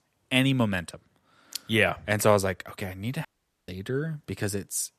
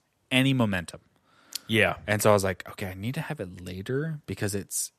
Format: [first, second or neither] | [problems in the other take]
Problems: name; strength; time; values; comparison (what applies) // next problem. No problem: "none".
second | audio cutting out; at 3.5 s